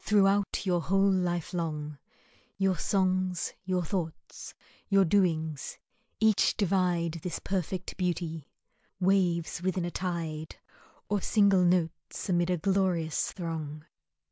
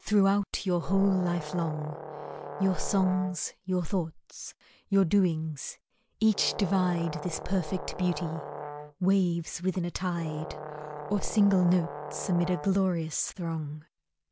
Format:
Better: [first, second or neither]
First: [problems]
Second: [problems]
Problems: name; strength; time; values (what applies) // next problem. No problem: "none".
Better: first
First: none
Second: background sound (Brass instrument); 11 dB below the speech